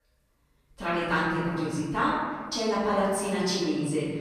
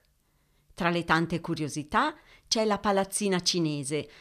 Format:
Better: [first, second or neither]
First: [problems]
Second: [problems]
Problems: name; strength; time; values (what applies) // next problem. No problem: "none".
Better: second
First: off-mic speech; far // room echo; strong; dies away in 1.6 s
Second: none